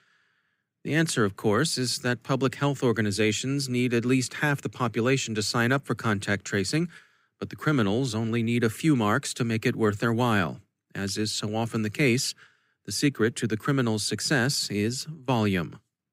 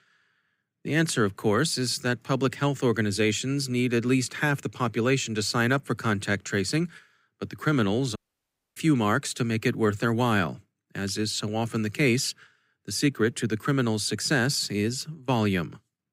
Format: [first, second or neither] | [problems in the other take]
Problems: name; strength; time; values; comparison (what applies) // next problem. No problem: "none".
first | audio cutting out; at 8 s for 0.5 s